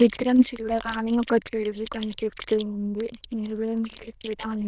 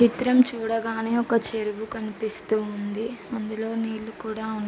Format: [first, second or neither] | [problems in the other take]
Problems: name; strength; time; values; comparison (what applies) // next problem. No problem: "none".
second | noise reduction (neural diffusion model UNIVERSE++)